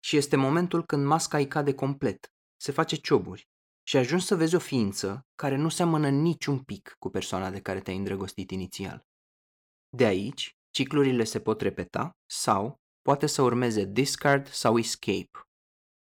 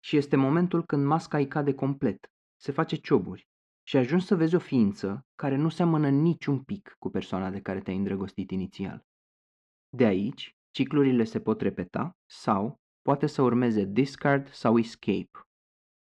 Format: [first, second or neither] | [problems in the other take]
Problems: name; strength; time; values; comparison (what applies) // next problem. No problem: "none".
first | muffled; slightly; fading above 3 kHz